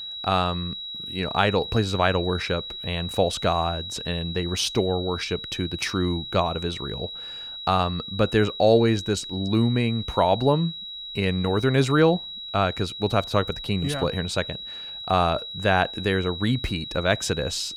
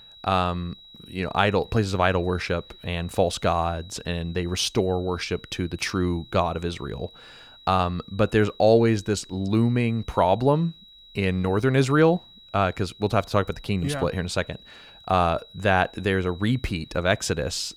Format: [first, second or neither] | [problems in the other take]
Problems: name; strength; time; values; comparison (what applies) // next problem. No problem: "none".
second | high-pitched whine; loud; throughout; 4 kHz, 9 dB below the speech; faint in the second